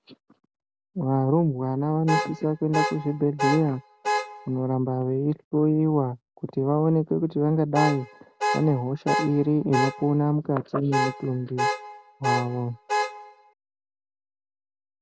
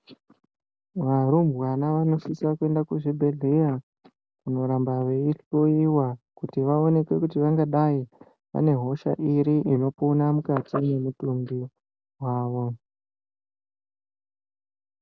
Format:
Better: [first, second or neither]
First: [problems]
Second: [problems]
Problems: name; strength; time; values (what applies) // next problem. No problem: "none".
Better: second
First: background sound (Alarm / Car); 3 dB below the speech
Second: none